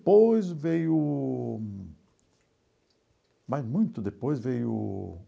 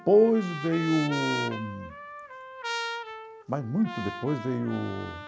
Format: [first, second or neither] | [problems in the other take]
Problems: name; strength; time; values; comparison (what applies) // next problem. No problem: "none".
first | background sound (Trumpet); 9 dB below the speech